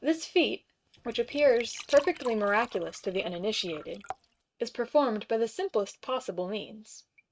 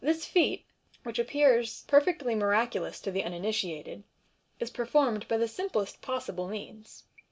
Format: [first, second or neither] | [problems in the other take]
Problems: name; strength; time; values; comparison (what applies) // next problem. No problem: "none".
second | noise reduction (neural mask model RNNoise)